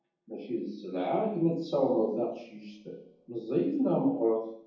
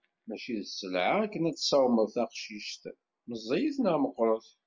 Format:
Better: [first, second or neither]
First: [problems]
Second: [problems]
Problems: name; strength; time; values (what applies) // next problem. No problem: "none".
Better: second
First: room echo; dies away in 0.7 s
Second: none